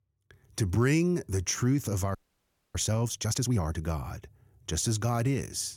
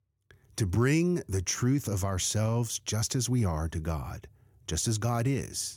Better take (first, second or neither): second